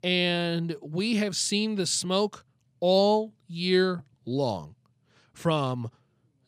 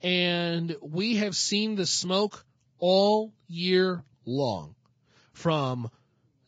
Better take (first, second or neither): first